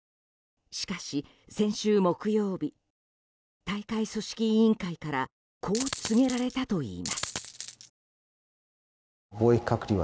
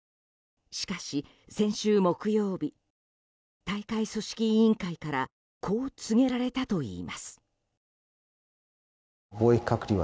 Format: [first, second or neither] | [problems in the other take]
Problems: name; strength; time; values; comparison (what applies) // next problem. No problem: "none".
second | background sound (Coin (dropping)); 7 dB below the speech